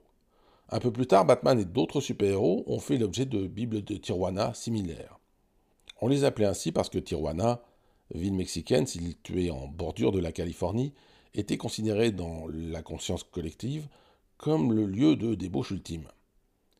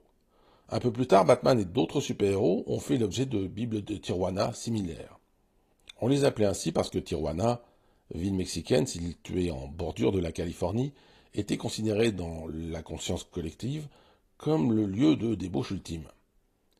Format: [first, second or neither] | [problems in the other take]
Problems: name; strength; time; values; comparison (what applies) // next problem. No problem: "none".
first | garbled, watery; slightly; nothing above 15 kHz